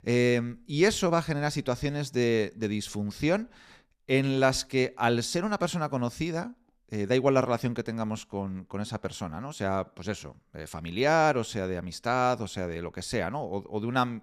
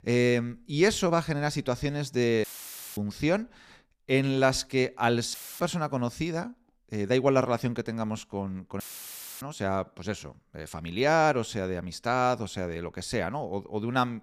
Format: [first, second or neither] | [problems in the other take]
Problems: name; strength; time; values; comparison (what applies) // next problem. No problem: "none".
first | audio cutting out; filled with static; at 2.5 s for 0.5 s, at 5.5 s and at 9 s for 0.5 s